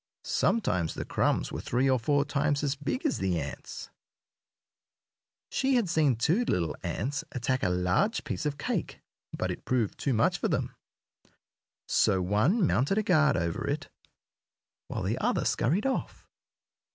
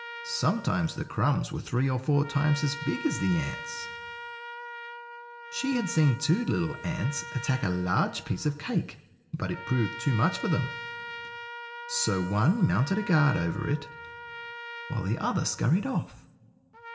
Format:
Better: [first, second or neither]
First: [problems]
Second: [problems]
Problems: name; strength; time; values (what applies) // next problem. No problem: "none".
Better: first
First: none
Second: background sound (Trumpet); 13 dB below the speech // room echo; dies away in 0.9 s